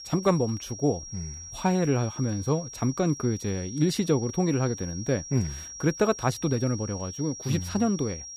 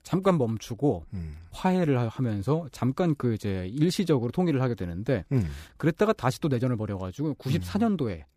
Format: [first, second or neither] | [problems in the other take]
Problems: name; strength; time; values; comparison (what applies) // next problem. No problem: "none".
second | high-pitched whine; noticeable; throughout; 5.5 kHz, 10 dB below the speech